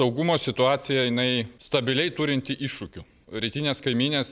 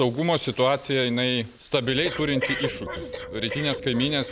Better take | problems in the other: first | background sound (Breathing); 10 dB below the speech

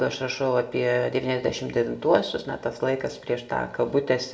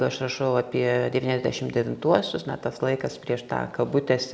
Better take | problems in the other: second | room echo; dies away in 0.2 s

